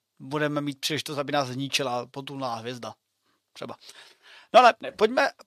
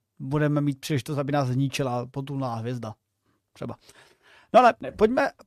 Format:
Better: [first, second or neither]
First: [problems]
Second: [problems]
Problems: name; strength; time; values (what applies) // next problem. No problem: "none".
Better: second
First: thin; very slightly; fading below 1 kHz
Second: none